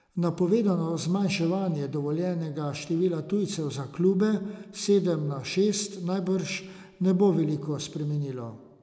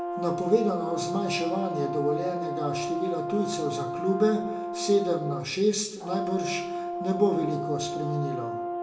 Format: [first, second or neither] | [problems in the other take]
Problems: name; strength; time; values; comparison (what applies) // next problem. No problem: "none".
first | background sound (Brass instrument); 4 dB below the speech // room echo; dies away in 0.3 s